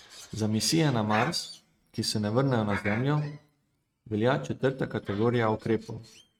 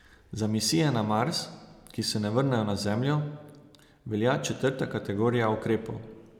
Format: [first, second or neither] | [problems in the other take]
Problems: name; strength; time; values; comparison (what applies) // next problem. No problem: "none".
second | noise reduction (neural mask model RNNoise)